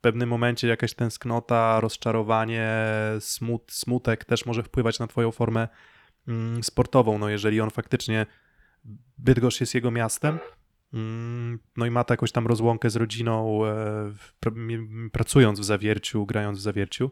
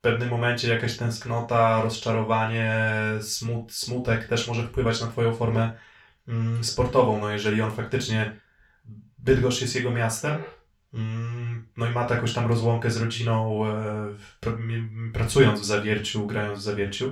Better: first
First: none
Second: room echo; noticeable; dies away in 0.2 s // off-mic speech; far

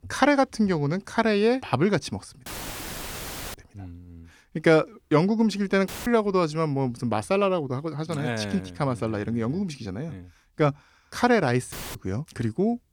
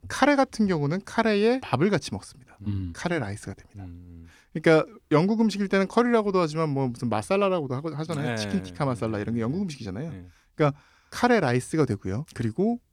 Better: second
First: audio cutting out; filled with static; at 2.5 s for 1 s, at 6 s and at 12 s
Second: none

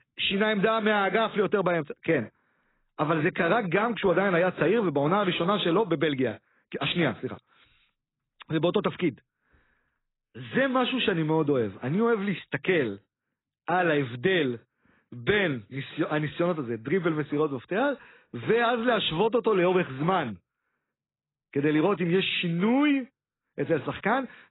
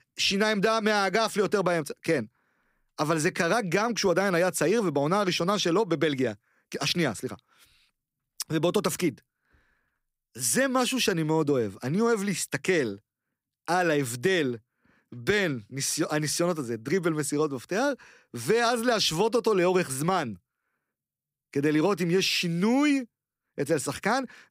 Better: second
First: garbled, watery; badly; nothing above 4 kHz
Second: none

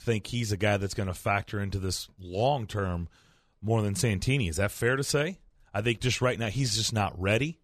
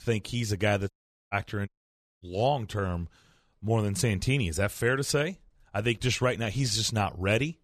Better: first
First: none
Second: audio cutting out; at 1 s and at 1.5 s for 0.5 s

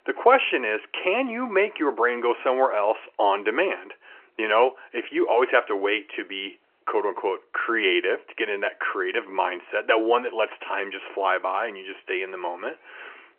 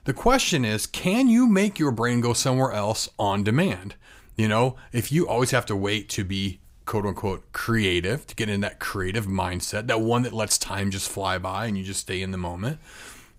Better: second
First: phone-call audio; nothing above 3 kHz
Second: none

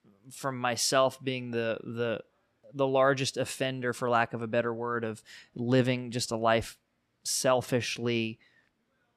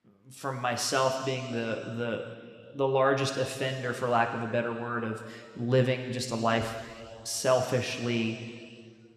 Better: first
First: none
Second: room echo; slight; dies away in 2.1 s

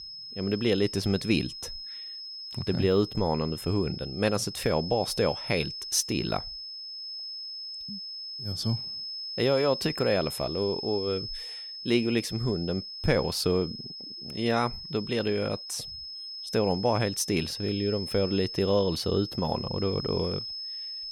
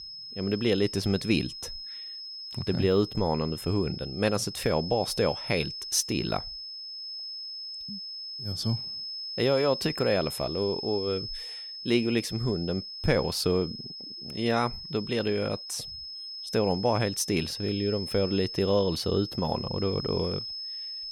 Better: neither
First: high-pitched whine; loud; throughout; 5 kHz, 8 dB below the speech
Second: high-pitched whine; loud; throughout; 5 kHz, 8 dB below the speech

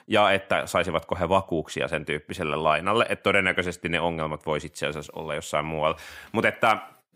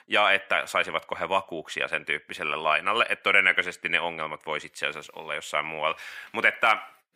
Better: first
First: none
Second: thin; somewhat; fading below 450 Hz

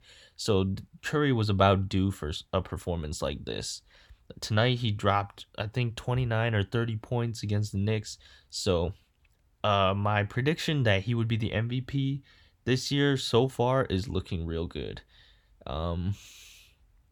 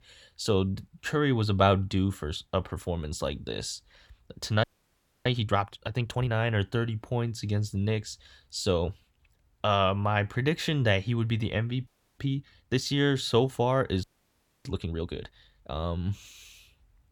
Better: first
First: none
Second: audio freezing; at 4.5 s for 0.5 s, at 12 s and at 14 s for 0.5 s

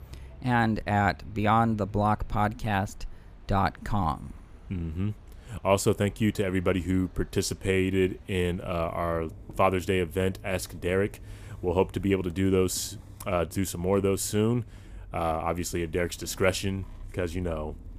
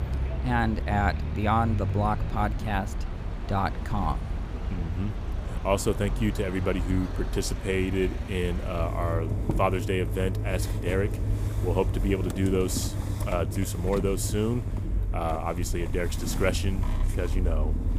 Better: first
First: traffic noise; faint; throughout; 20 dB below the speech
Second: traffic noise; loud; throughout; 2 dB below the speech

